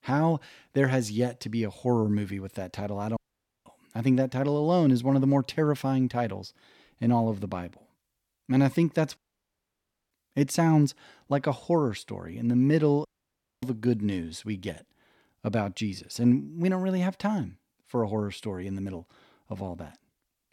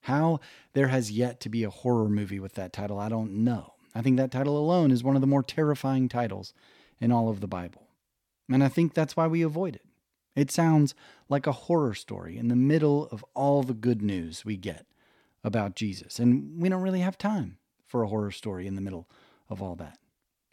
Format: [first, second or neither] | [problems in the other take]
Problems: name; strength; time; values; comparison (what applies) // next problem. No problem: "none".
second | audio cutting out; at 3 s, at 9 s for 1 s and at 13 s for 0.5 s